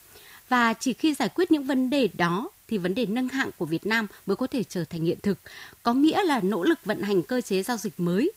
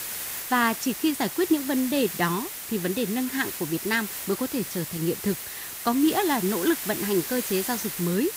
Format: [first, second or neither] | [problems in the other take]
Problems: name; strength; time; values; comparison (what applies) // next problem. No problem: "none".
first | hiss; loud; throughout; 5 dB below the speech; faint in the first